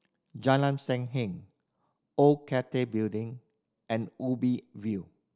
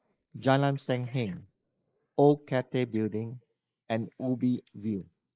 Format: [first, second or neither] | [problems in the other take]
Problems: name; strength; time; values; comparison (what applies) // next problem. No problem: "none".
first | noise reduction (neural mask model Resemble Enhance denoiser)